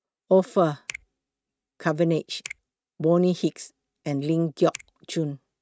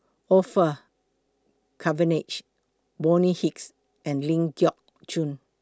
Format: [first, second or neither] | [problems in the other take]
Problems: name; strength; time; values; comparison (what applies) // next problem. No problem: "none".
second | noise reduction (neural mask model RNNoise)